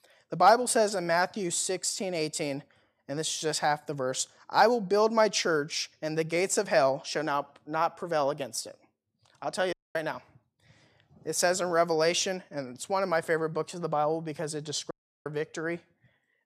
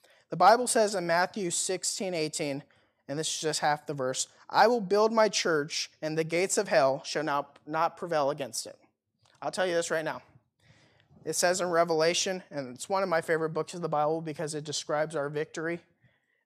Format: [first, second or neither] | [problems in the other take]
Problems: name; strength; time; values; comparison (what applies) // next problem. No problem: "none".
second | audio cutting out; at 9.5 s and at 15 s